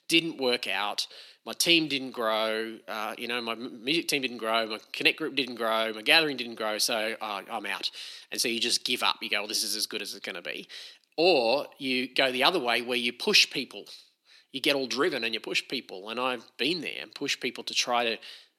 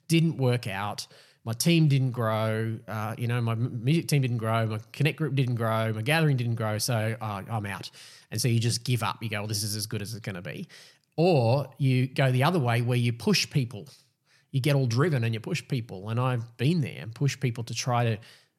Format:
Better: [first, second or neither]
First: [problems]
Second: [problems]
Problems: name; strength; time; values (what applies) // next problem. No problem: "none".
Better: second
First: thin; somewhat; fading below 250 Hz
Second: none